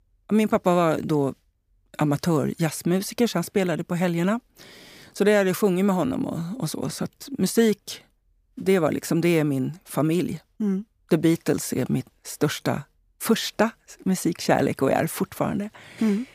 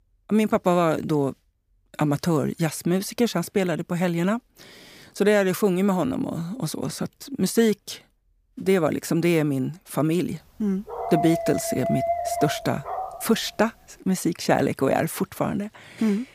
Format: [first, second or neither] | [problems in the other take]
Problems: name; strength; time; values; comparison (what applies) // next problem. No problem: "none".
first | dog barking; noticeable; from 11 to 13 s; peak 2 dB below the speech